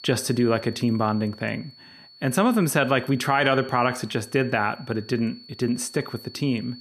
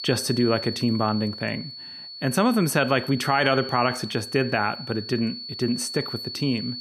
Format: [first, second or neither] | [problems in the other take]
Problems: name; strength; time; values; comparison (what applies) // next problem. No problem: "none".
first | high-pitched whine; loud; throughout; 4.5 kHz, 9 dB below the speech; faint in the first